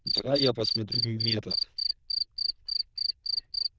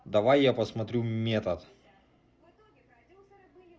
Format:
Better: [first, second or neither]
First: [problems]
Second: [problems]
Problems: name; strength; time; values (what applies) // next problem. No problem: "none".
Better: second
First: noise reduction (neural diffusion model UNIVERSE++)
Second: none